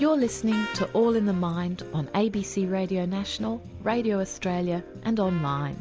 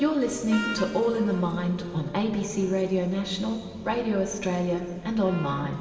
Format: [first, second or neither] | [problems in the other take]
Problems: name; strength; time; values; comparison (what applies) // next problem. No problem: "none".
first | room echo; dies away in 2.5 s